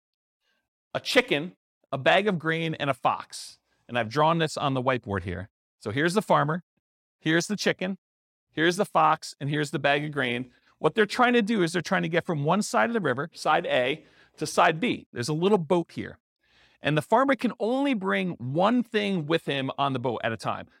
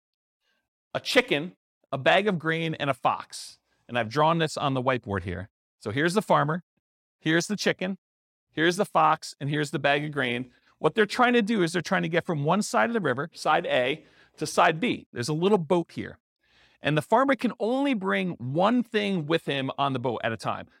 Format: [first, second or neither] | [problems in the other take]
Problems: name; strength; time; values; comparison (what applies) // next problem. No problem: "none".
neither | none